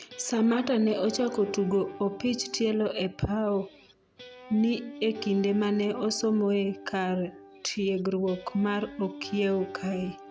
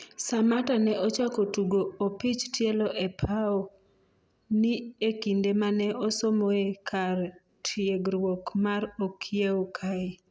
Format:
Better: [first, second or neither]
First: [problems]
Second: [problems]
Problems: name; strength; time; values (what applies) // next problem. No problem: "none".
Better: second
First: background sound (Guitar); 16 dB below the speech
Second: none